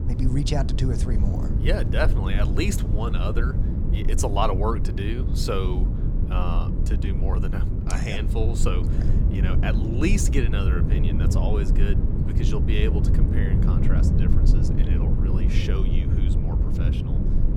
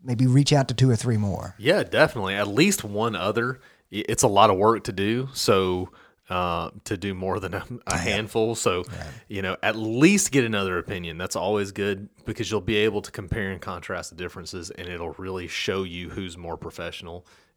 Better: second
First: low rumble; loud; throughout; 5 dB below the speech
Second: none

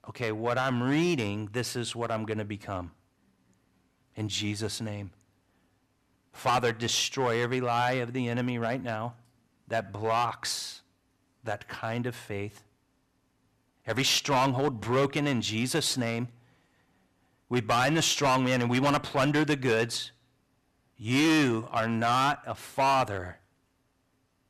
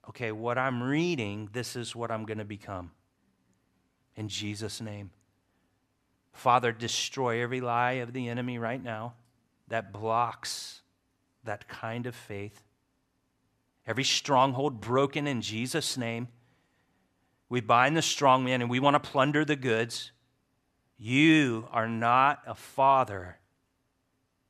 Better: second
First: distortion; heavy; 6% of the sound clipped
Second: none

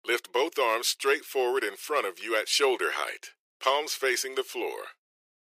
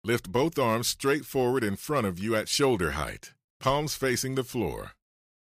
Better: second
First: thin; very; fading below 350 Hz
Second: none

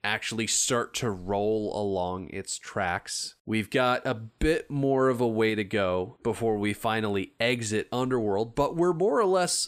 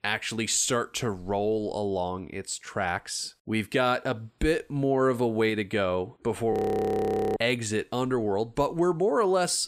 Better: first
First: none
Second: audio freezing; at 6.5 s for 1 s

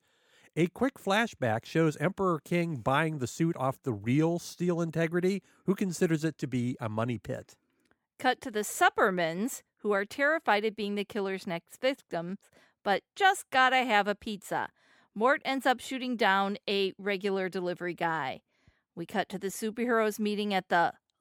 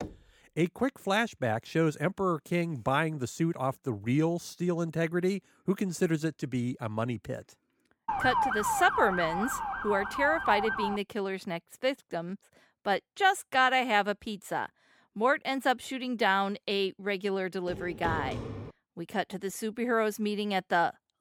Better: first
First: none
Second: door banging; faint; at the start; peak 15 dB below the speech // siren; loud; from 8 to 11 s; peak 2 dB above the speech // footsteps; noticeable; from 18 to 19 s; peak 5 dB below the speech

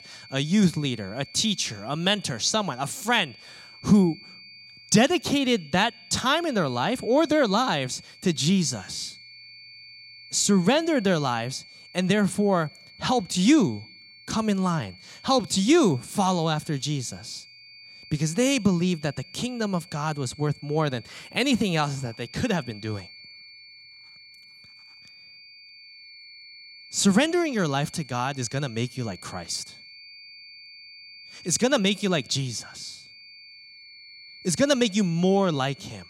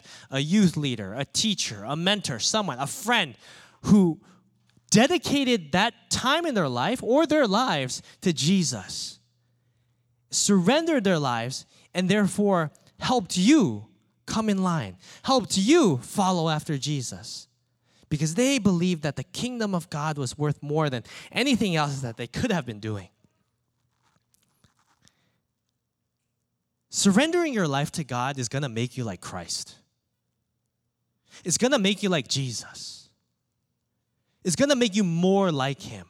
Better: second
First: high-pitched whine; faint; throughout; 4.5 kHz, 20 dB below the speech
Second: none

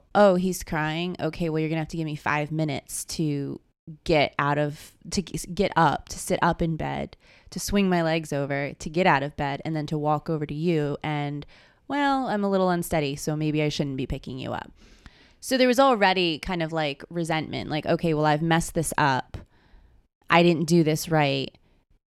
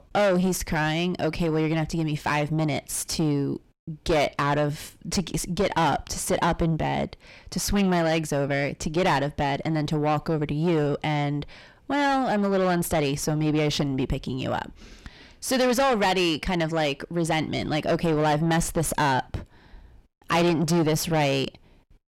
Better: first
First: none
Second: distortion; heavy; 5 dB below the speech

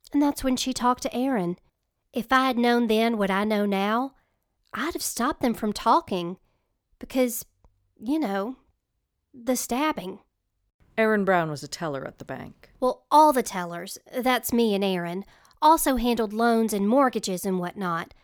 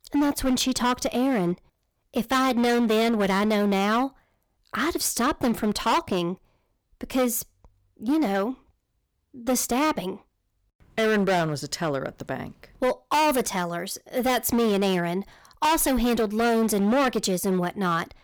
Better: first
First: none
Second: distortion; heavy; 13% of the sound clipped

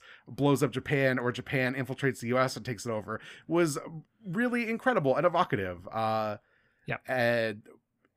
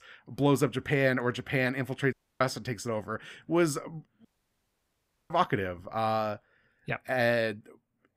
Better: first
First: none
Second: audio cutting out; at 2 s and at 4.5 s for 1 s

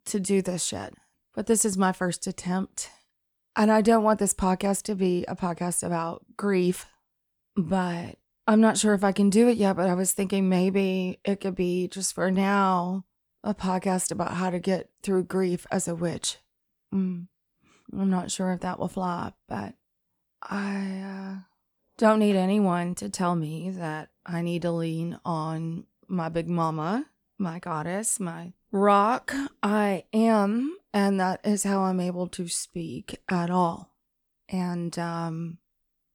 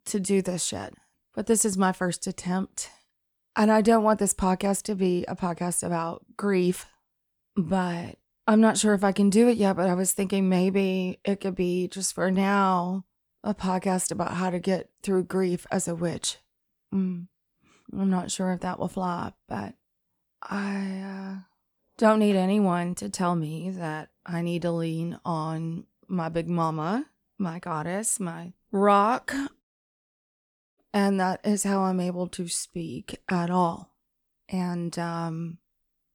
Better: first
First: none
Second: audio cutting out; at 30 s for 1 s

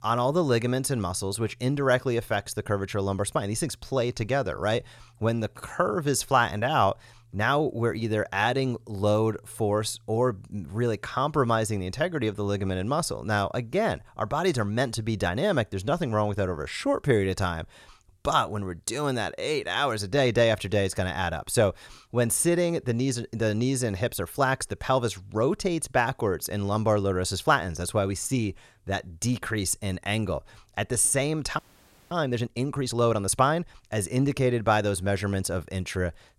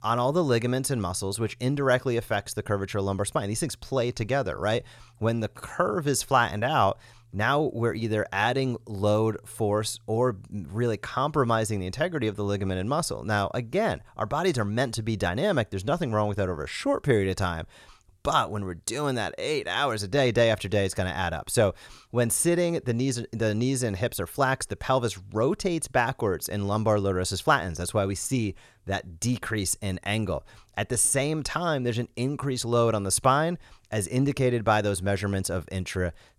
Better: second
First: audio freezing; at 32 s for 0.5 s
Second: none

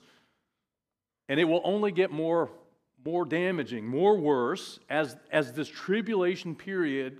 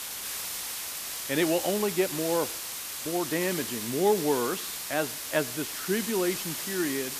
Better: first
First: none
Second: hiss; loud; throughout; 3 dB below the speech

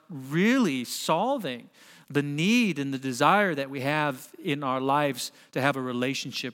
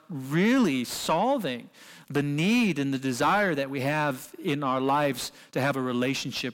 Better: first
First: none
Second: distortion; slight; 10 dB below the speech

